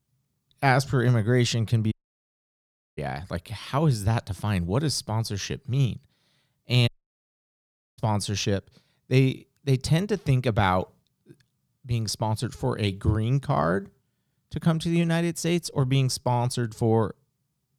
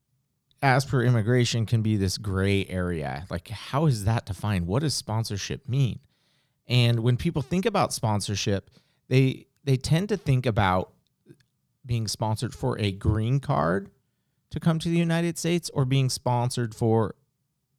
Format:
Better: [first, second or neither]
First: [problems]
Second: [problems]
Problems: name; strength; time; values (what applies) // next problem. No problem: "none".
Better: second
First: audio cutting out; at 2 s for 1 s and at 7 s for 1 s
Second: none